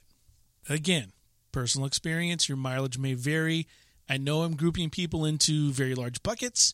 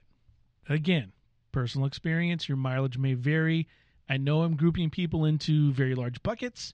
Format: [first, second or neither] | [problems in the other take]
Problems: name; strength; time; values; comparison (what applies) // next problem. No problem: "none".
first | muffled; very; fading above 3 kHz